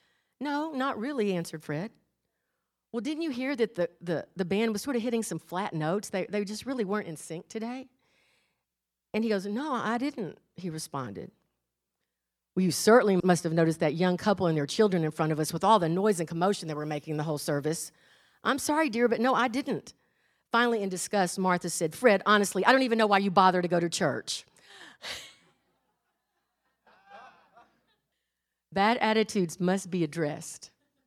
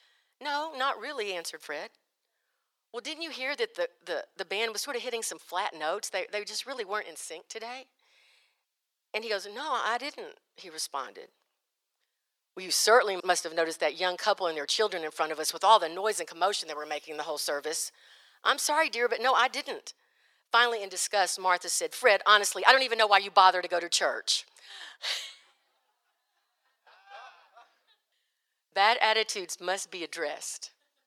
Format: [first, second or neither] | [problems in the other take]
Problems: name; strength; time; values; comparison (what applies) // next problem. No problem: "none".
first | thin; very; fading below 550 Hz